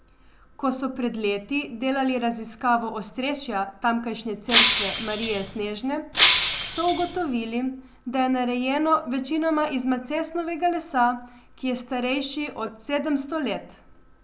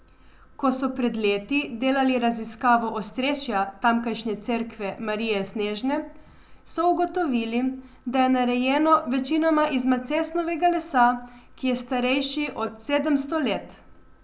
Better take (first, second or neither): second